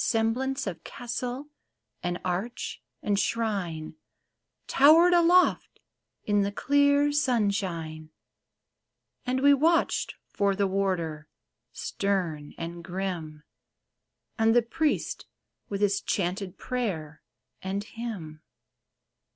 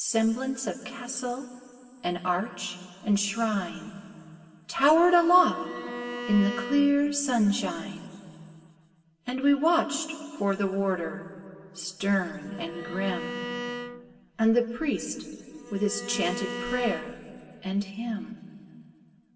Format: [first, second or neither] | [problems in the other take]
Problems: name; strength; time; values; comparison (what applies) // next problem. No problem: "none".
first | background sound (Bowed string instrument); 10 dB below the speech // room echo; dies away in 2.5 s